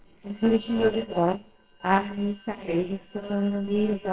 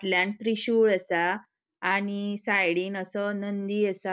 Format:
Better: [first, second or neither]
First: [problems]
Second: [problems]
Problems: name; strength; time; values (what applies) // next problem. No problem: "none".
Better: second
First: noise reduction (neural separator model SepFormer WHAMR!)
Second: none